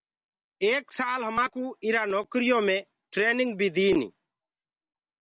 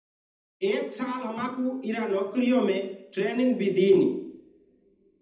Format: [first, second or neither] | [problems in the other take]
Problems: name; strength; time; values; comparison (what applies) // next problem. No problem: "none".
first | room echo; dies away in 0.8 s